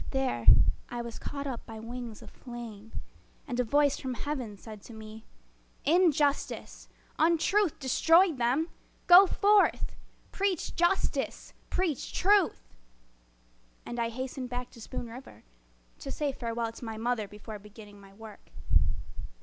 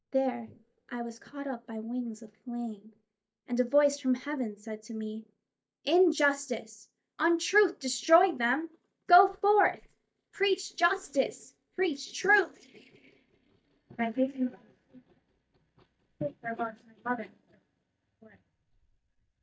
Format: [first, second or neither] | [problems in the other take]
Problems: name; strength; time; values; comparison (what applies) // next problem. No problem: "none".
first | noise reduction (neural mask model DeepFilterNet 3)